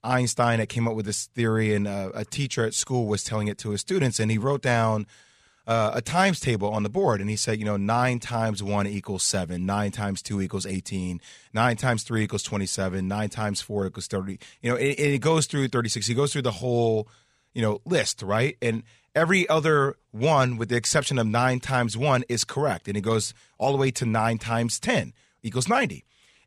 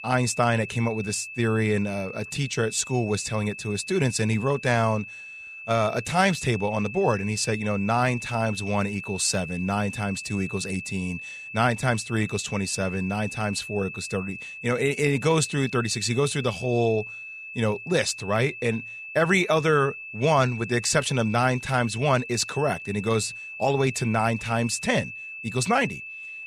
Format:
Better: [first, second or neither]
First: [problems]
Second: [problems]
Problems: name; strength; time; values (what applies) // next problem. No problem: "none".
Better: first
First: none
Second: high-pitched whine; noticeable; throughout; 2.5 kHz, 10 dB below the speech